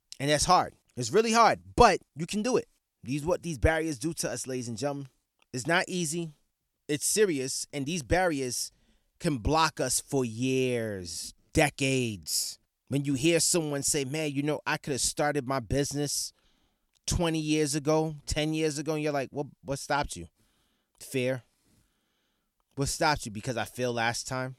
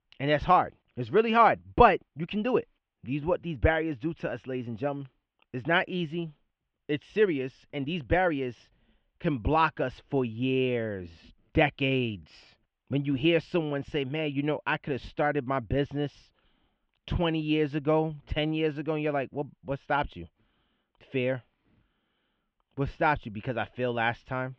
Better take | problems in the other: first | muffled; very; fading above 3 kHz

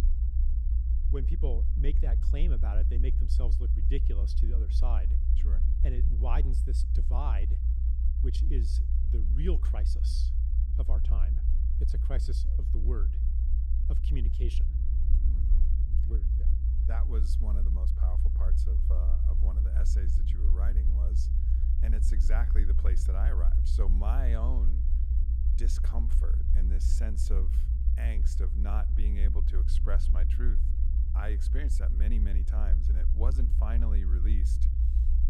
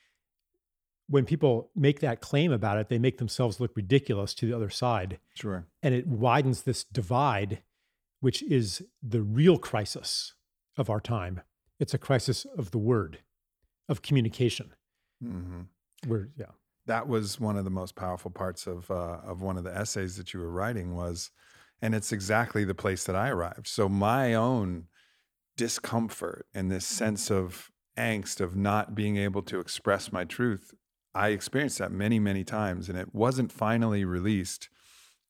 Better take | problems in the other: second | low rumble; loud; throughout; 3 dB below the speech

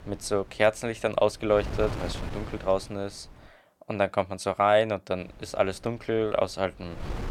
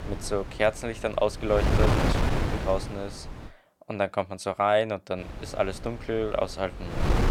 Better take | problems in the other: first | wind noise on the microphone; heavy; until 3.5 s and from 5 s on; 4 dB below the speech; occasional gusts in the first

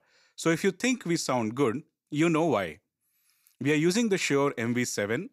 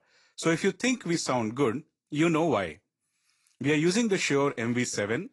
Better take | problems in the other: first | garbled, watery; slightly; nothing above 10.5 kHz

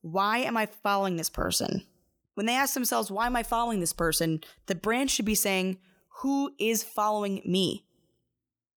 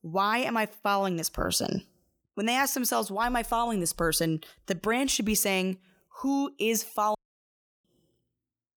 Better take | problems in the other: first | audio cutting out; at 7 s for 0.5 s

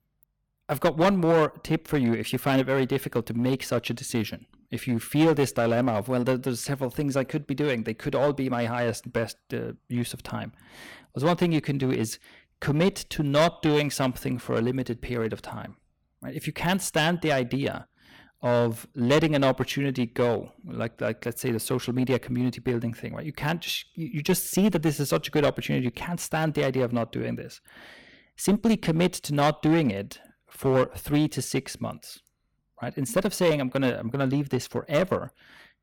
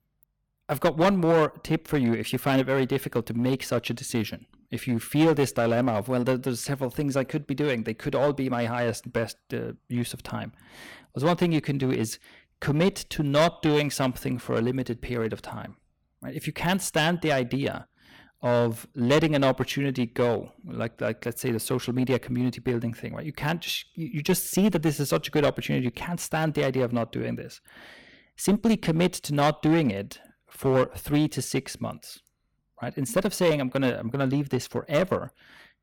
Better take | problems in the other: neither | distortion; slight; 5% of the sound clipped; the same in both

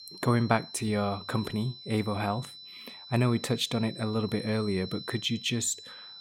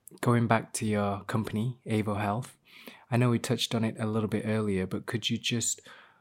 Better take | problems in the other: second | high-pitched whine; noticeable; throughout; 4 kHz, 15 dB below the speech

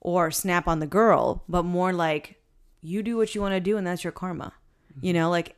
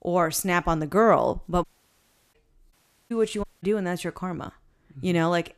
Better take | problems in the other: first | audio cutting out; at 1.5 s for 0.5 s, at 2.5 s and at 3.5 s

